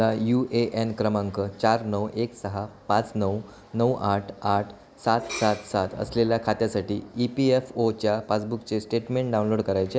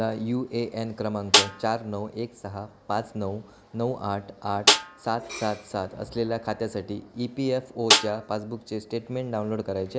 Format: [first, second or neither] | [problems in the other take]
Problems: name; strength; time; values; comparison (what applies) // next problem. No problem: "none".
first | background sound (Snare drum); 4 dB above the speech